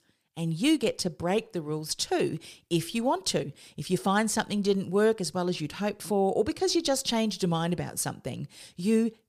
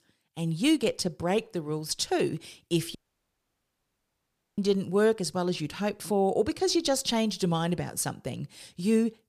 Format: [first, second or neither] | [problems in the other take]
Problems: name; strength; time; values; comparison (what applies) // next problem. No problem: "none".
first | audio cutting out; at 3 s for 1.5 s